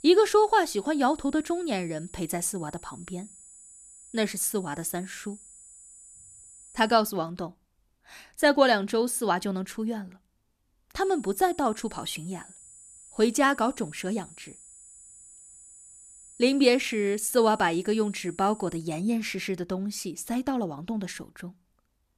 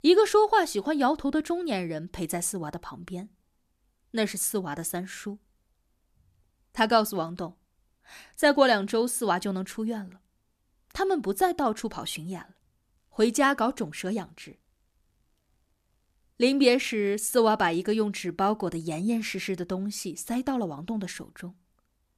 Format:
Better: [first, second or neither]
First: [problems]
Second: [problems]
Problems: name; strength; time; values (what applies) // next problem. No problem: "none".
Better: second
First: high-pitched whine; faint; until 7 s and from 11 to 19 s; 8 kHz, 20 dB below the speech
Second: none